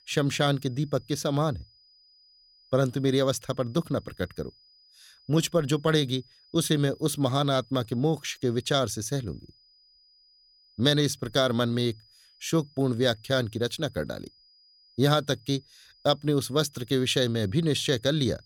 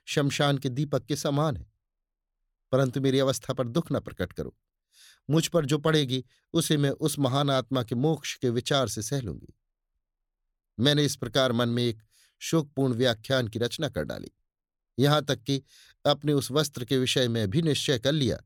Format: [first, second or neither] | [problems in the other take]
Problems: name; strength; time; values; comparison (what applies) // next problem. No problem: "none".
second | high-pitched whine; faint; throughout; 5 kHz, 30 dB below the speech